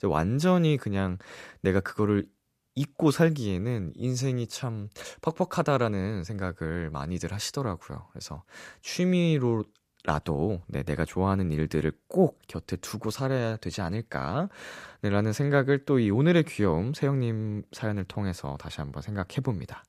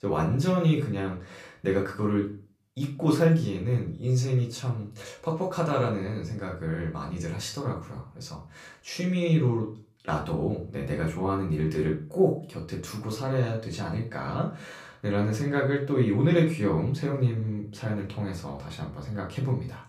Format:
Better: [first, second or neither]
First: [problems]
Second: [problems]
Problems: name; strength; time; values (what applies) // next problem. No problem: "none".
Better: first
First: none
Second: room echo; slight; dies away in 0.3 s // off-mic speech; far